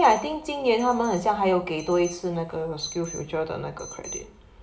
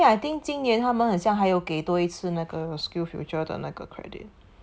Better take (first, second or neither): second